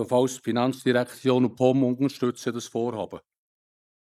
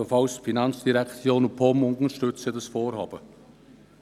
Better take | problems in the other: second | noise reduction (neural mask model Resemble Enhance denoiser)

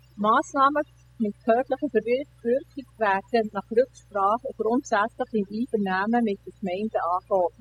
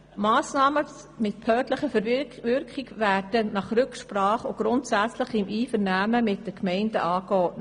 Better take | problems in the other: second | noise reduction (classical method spectral subtraction)

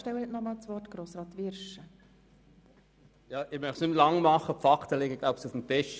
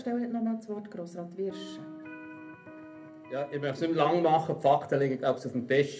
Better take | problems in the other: first | background sound (Electric guitar); 16 dB below the speech // room echo; dies away in 0.3 s

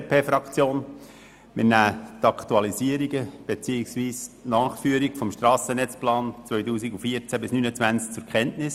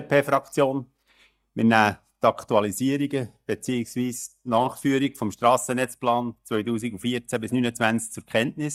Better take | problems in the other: first | noise reduction (neural mask model DeepFilterNet 3)

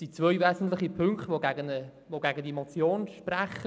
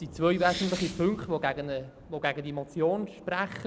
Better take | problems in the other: first | background sound (Fireworks); 15 dB below the speech

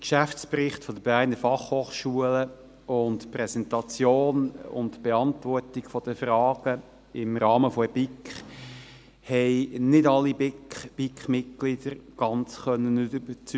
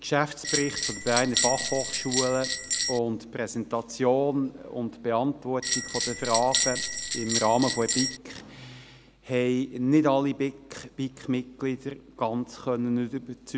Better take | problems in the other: first | background sound (Bell); 1 dB below the speech

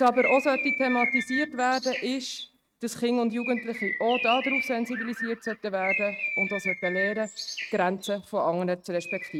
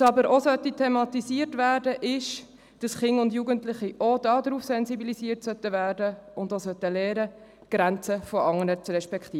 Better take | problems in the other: second | noise reduction (neural mask model RNNoise)

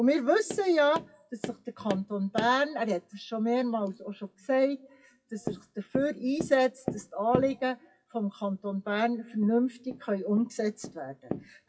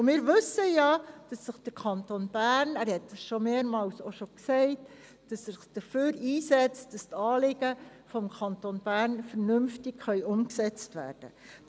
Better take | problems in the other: second | noise reduction (classical method WPE with log-MMSE)

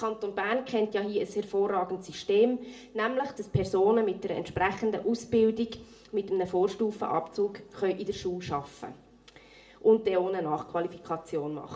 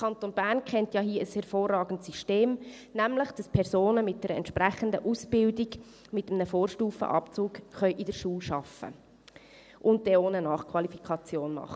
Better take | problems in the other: second | room echo; dies away in 0.3 s

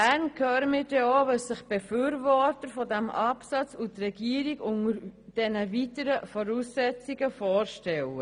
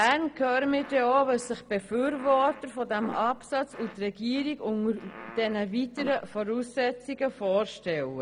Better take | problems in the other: first | background sound (Fart); 17 dB below the speech

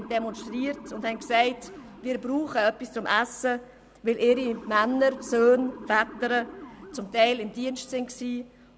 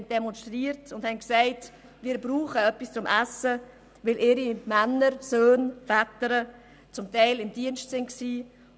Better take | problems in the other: second | background sound (Motor vehicle (road) / Siren); 18 dB below the speech

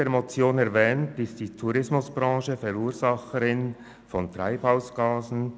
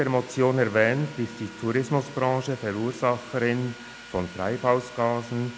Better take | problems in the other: first | background sound (Sawing); 18 dB below the speech

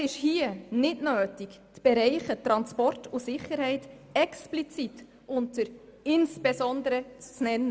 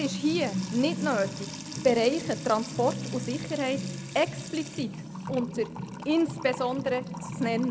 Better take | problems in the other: first | background sound (Trickle, dribble / Water tap, faucet / Music); 7 dB below the speech

